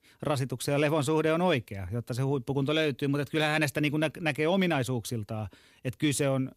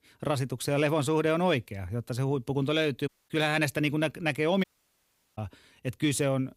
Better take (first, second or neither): first